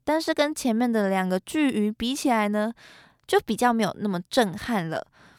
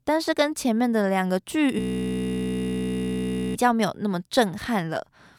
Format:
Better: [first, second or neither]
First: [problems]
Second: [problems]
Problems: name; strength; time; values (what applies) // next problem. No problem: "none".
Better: first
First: none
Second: audio freezing; at 2 s for 2 s